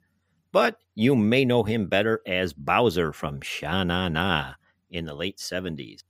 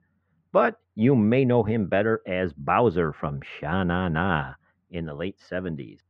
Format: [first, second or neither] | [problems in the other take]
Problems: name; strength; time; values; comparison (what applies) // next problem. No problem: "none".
first | muffled; very; fading above 1.5 kHz